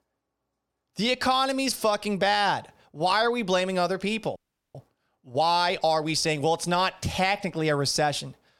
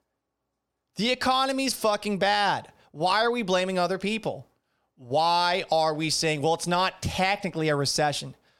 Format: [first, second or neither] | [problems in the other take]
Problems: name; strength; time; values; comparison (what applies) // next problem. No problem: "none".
second | audio freezing; at 4.5 s